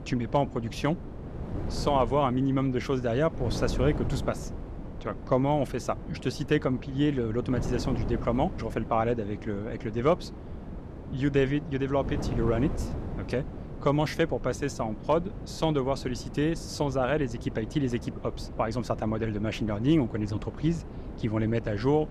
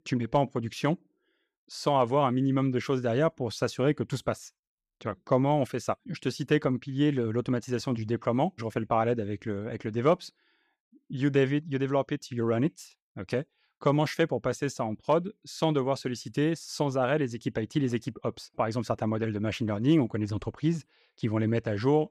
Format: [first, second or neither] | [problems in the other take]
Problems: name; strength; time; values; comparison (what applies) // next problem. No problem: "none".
second | wind noise on the microphone; occasional gusts; 15 dB below the speech